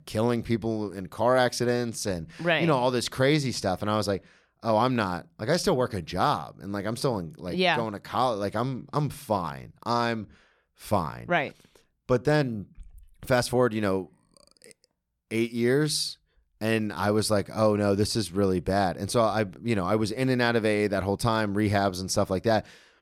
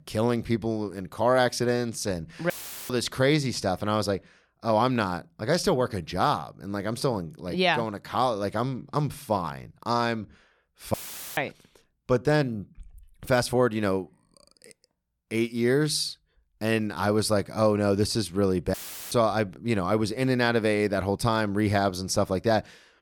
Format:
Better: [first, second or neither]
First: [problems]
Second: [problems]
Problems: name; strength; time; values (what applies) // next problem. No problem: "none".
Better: first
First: none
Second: audio cutting out; filled with static; at 2.5 s, at 11 s and at 19 s